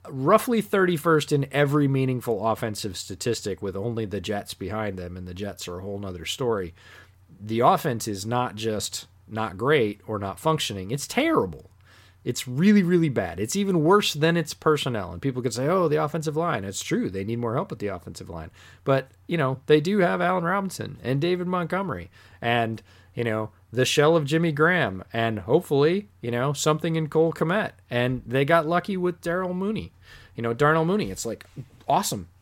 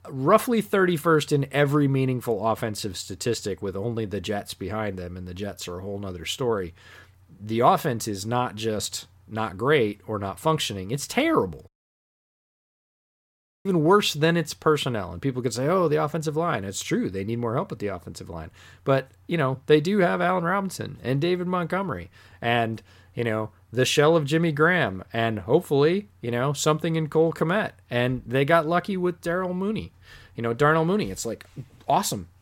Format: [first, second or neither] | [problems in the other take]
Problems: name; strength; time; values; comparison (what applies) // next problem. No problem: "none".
first | audio cutting out; at 12 s for 2 s